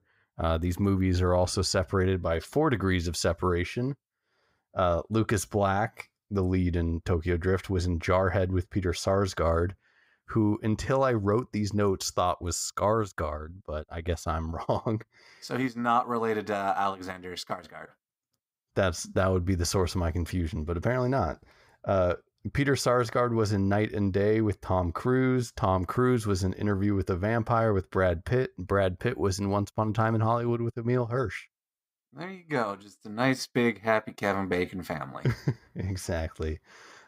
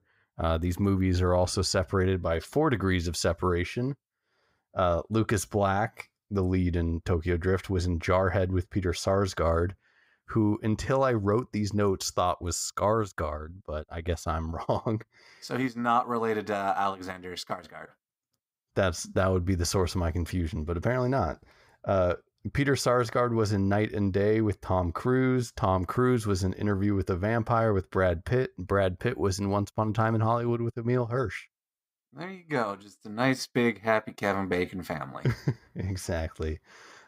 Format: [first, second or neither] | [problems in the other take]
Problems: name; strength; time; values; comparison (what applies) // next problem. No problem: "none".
neither | none